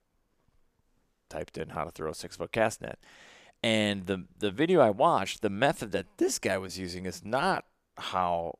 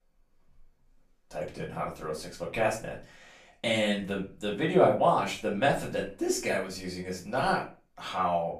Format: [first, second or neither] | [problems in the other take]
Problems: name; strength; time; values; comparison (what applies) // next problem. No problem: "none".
first | room echo; slight; dies away in 0.3 s // off-mic speech; far